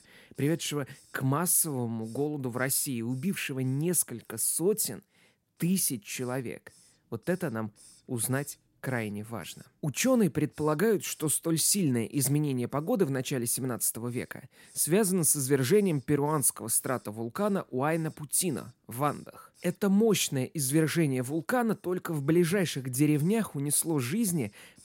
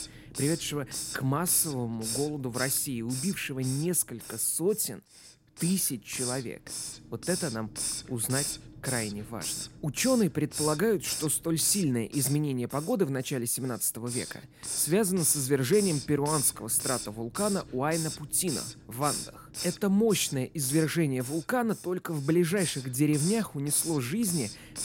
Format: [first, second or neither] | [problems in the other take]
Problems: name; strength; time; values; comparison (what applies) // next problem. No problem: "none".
first | hiss; loud; throughout; 7 dB below the speech; faint in the first